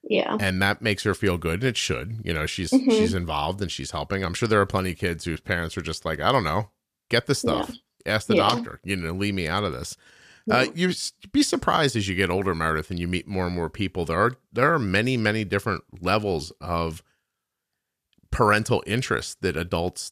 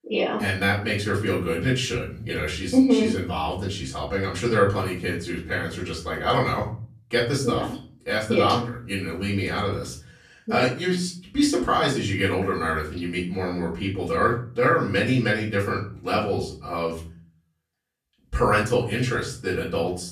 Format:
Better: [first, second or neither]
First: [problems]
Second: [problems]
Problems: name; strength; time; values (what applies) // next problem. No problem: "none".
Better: first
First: none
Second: off-mic speech; far // room echo; slight; dies away in 0.4 s